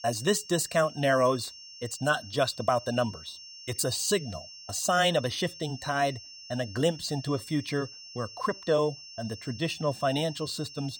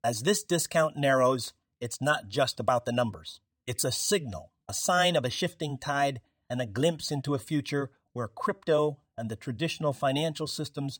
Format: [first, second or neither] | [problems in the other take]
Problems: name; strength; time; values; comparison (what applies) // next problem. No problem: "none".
second | high-pitched whine; noticeable; throughout; 5.5 kHz, 15 dB below the speech